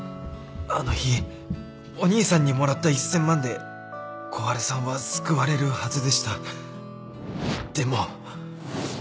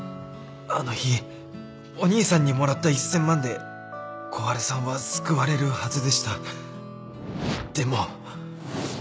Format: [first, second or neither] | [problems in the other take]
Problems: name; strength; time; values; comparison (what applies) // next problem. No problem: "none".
second | background sound (Run); 9 dB below the speech